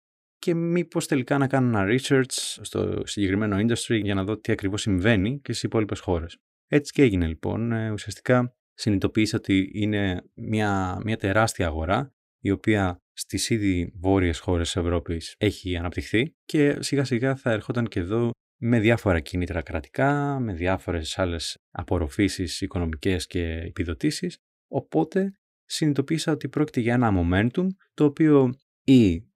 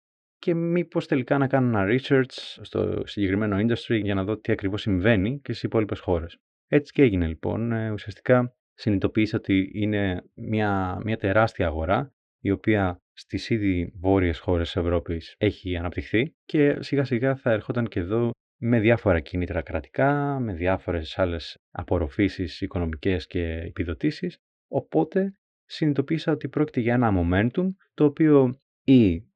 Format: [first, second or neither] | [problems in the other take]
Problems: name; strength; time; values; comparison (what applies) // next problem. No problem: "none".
first | muffled; slightly; fading above 3.5 kHz